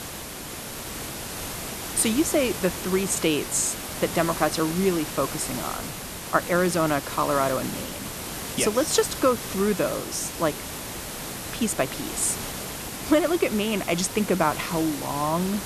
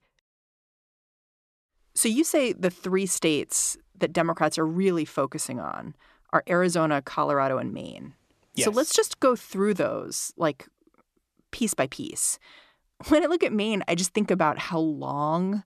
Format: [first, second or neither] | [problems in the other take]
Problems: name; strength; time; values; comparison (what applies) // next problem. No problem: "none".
second | hiss; loud; throughout; 7 dB below the speech